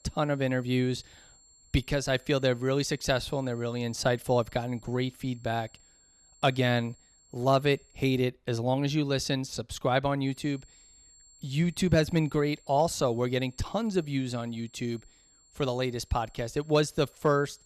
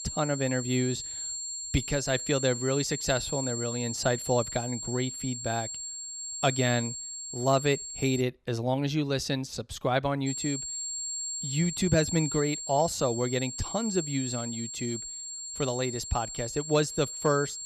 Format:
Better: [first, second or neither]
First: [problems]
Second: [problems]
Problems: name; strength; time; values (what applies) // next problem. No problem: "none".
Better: first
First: high-pitched whine; faint; until 8 s and from 10 s on; 7.5 kHz, 30 dB below the speech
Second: high-pitched whine; loud; until 8 s and from 10 s on; 7.5 kHz, 5 dB below the speech